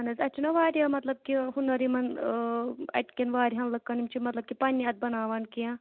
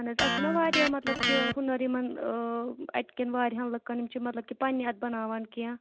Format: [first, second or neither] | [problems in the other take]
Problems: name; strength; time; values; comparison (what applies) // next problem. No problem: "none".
first | background sound (Electric guitar); 1 dB below the speech